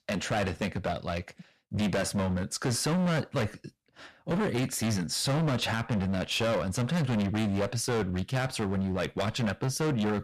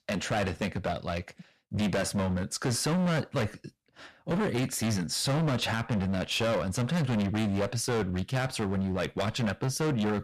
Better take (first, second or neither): neither